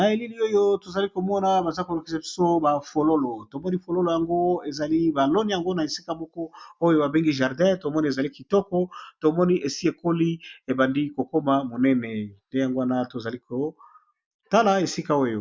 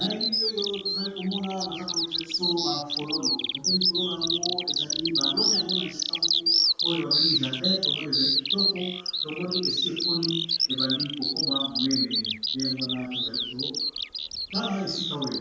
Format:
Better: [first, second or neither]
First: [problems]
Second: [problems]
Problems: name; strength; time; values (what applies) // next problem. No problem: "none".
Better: first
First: none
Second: background sound (Bird vocalization, bird call, bird song); 5 dB above the speech // room echo; dies away in 0.6 s